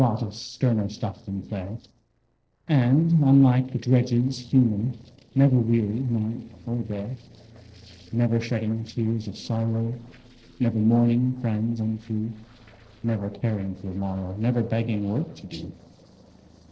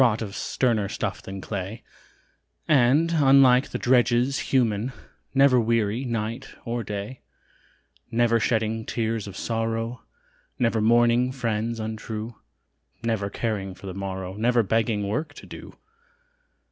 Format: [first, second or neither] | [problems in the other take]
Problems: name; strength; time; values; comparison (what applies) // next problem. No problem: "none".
second | noise reduction (neural separator model SepFormer DNS4)